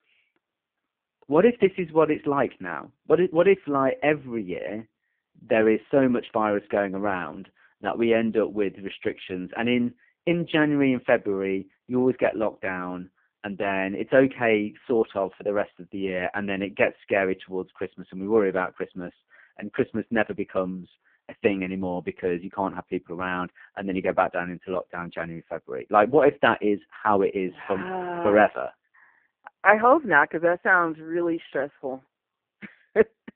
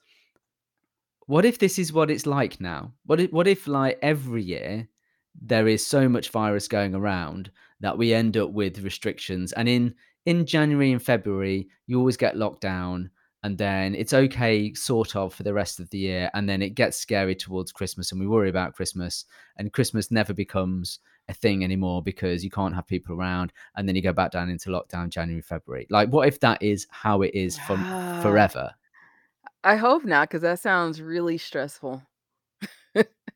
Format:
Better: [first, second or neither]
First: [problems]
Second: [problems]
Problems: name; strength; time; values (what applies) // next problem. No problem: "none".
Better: second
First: phone-call audio; poor line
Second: none